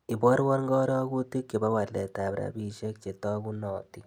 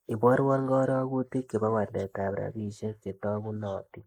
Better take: first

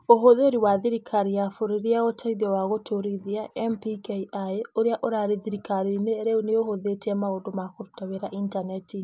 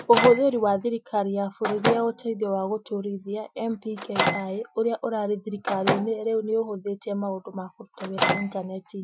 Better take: first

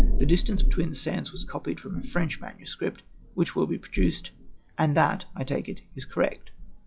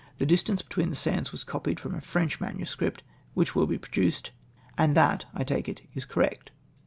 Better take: second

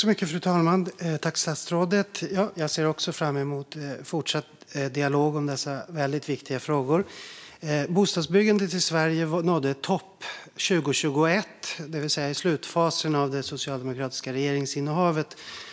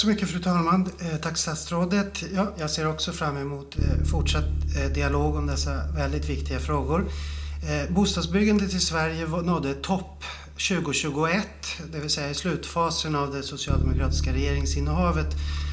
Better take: first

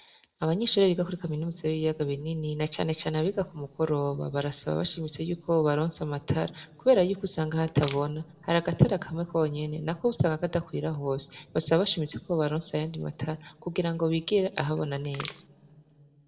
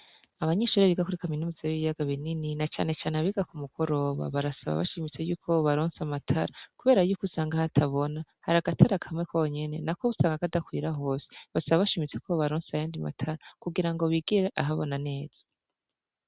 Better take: second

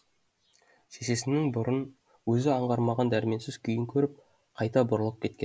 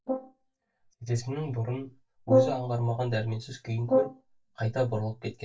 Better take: first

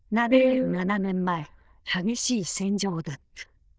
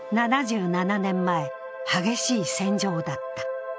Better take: second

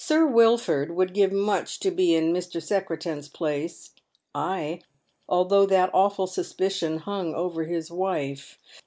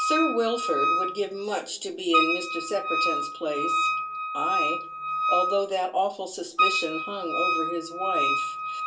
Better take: first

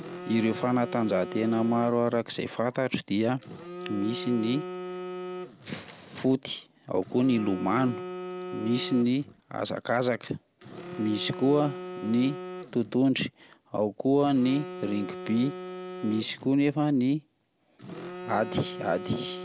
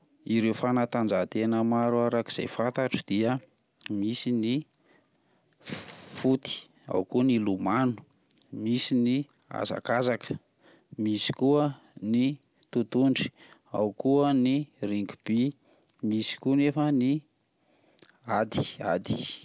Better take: second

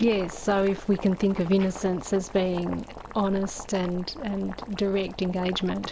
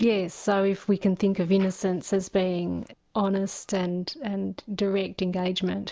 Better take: second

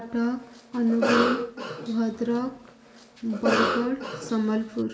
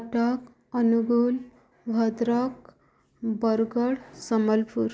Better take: second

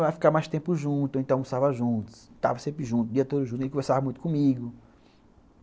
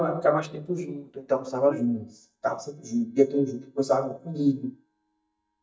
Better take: first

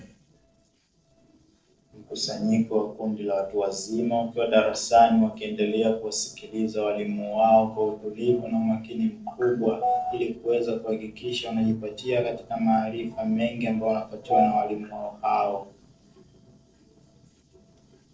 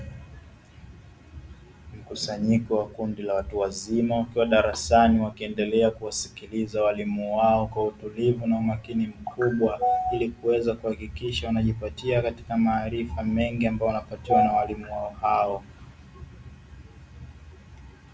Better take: second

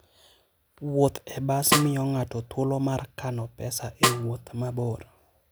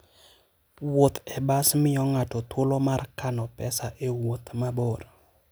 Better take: second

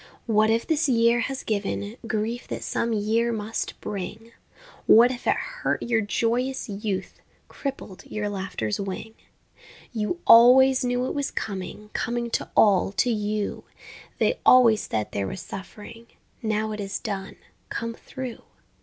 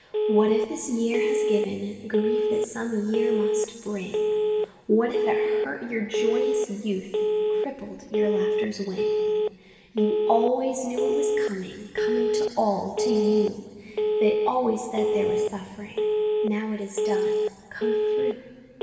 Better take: first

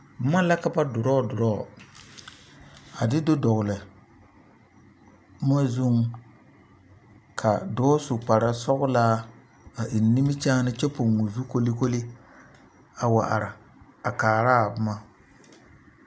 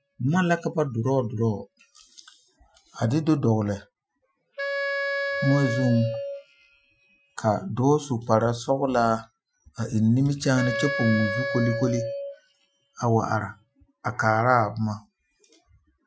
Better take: first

